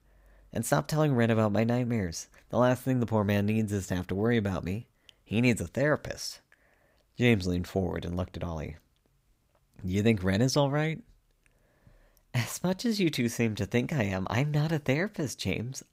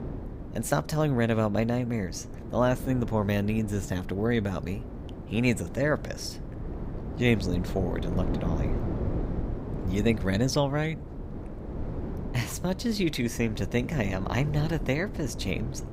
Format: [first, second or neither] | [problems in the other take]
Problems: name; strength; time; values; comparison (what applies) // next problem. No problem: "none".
first | wind noise on the microphone; occasional gusts; 10 dB below the speech